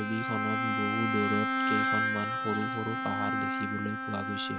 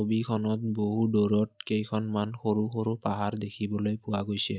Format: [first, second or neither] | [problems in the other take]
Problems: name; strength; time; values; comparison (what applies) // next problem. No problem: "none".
second | background sound (Bowed string instrument); 3 dB above the speech